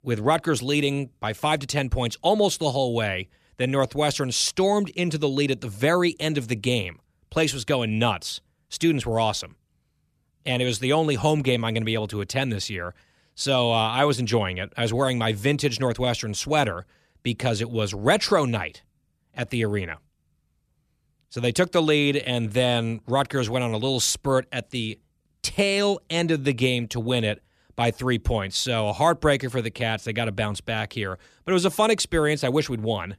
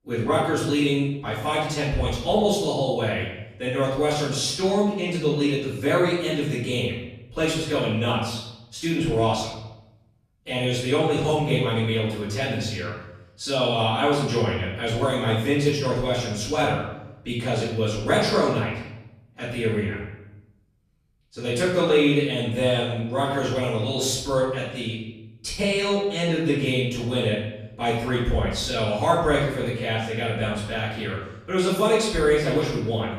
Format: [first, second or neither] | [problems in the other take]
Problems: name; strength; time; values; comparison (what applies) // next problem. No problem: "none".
first | off-mic speech; far // room echo; noticeable; dies away in 0.8 s